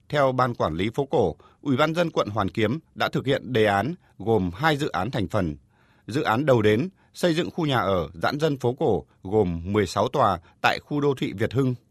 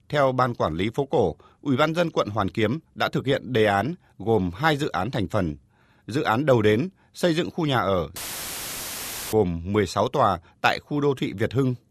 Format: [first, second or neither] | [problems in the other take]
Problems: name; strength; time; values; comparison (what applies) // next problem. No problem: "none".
first | audio cutting out; filled with static; at 8 s for 1 s